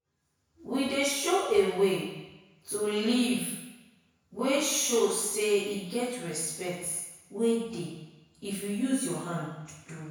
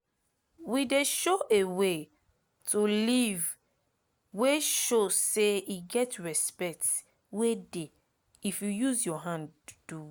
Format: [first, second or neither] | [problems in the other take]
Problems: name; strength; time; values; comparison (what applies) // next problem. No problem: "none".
second | room echo; dies away in 1 s